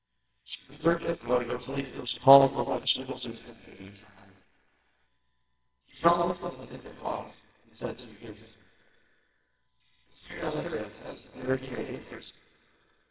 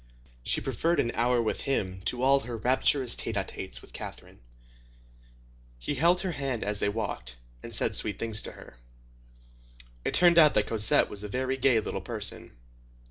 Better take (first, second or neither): second